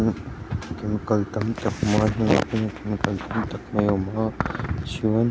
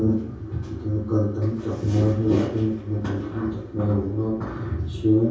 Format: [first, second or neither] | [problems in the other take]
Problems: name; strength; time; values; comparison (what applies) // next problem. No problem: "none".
first | room echo; dies away in 0.6 s